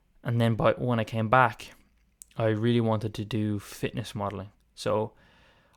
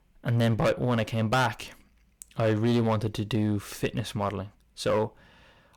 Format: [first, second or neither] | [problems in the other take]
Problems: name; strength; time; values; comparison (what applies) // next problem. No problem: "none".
first | distortion; heavy; 7% of the sound clipped